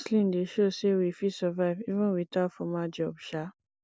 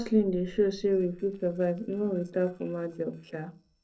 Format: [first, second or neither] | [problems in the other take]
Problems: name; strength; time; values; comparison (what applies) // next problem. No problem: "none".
first | noise reduction (neural separator model SepFormer DNS4)